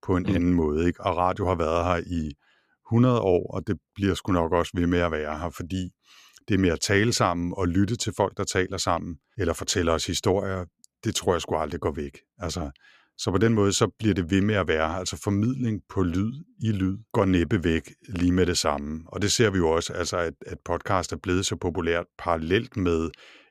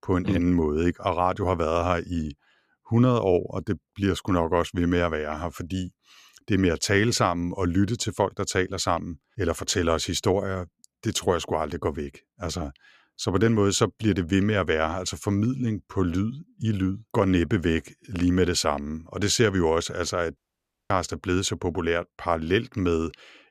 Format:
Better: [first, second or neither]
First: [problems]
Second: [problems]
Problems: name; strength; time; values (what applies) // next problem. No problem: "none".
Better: first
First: none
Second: audio cutting out; at 20 s for 0.5 s